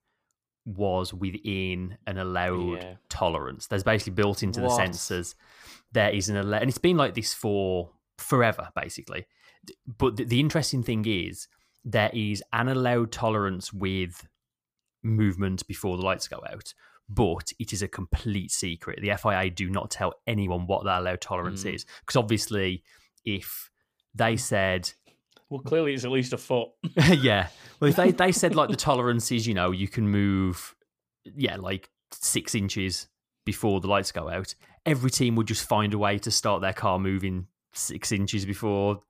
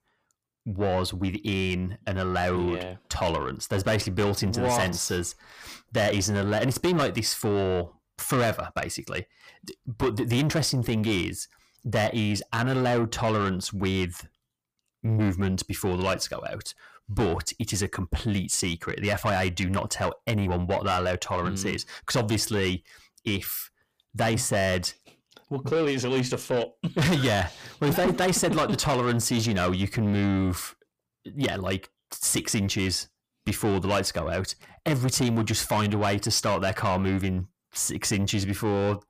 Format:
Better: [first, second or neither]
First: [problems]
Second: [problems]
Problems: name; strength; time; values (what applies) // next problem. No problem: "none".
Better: first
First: none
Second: distortion; heavy; 8 dB below the speech